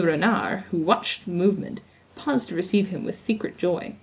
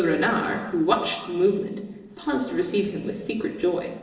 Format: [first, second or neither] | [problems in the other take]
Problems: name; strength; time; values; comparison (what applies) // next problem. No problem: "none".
first | noise reduction (neural separator model SepFormer DNS4)